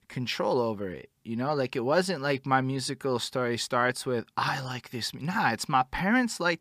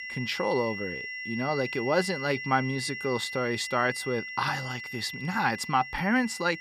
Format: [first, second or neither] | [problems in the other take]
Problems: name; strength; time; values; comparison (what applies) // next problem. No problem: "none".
first | high-pitched whine; loud; throughout; 2 kHz, 7 dB below the speech